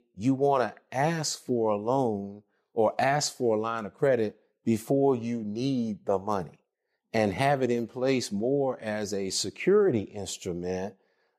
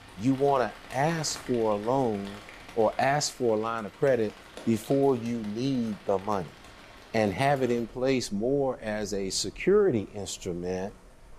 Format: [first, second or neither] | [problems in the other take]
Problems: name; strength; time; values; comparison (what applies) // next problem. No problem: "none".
first | rain or running water; noticeable; throughout; 20 dB below the speech